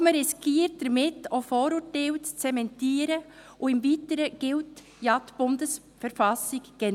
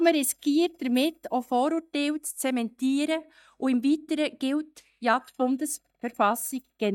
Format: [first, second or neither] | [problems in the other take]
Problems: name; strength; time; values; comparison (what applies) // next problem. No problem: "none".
first | noise reduction (neural mask model DeepFilterNet 3)